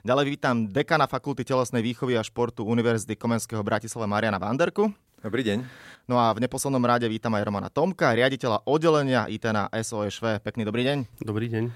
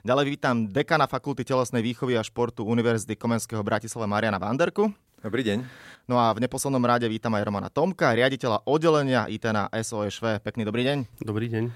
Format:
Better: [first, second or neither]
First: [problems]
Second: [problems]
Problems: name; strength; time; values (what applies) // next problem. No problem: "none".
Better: neither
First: none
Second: none